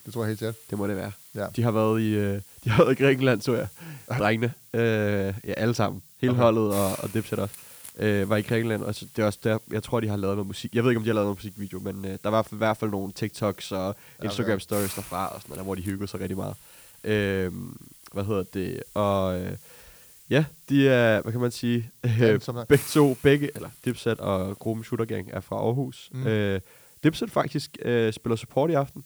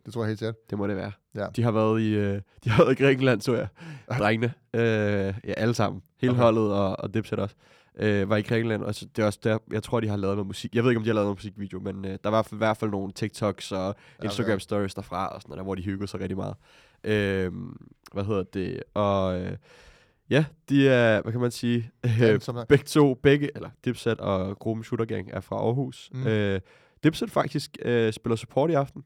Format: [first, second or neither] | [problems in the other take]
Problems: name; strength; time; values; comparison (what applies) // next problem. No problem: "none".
second | hiss; noticeable; throughout; 20 dB below the speech